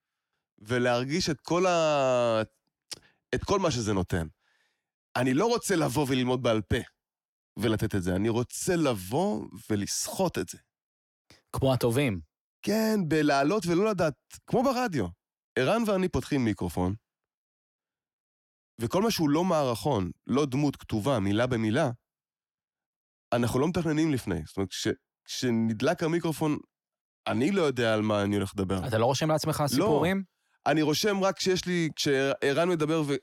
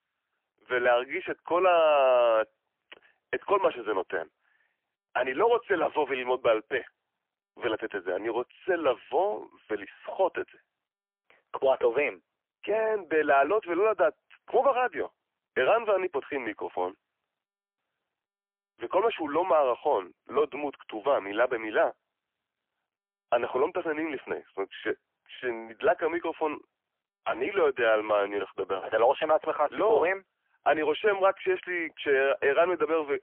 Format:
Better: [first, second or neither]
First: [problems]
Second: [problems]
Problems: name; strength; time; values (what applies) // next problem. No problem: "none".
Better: first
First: none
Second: phone-call audio; poor line; nothing above 3 kHz